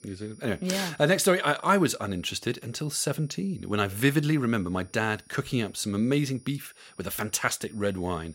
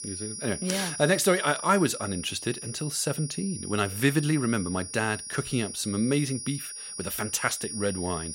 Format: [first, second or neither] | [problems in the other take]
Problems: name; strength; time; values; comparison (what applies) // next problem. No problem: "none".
first | high-pitched whine; loud; throughout; 9.5 kHz, 8 dB below the speech; faint in the first